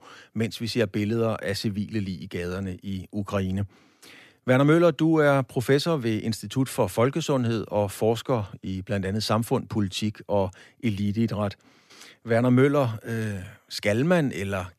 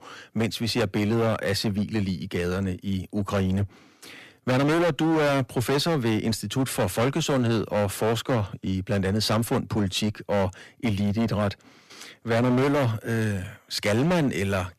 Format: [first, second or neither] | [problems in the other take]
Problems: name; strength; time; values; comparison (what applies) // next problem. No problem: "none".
first | distortion; heavy; 17% of the sound clipped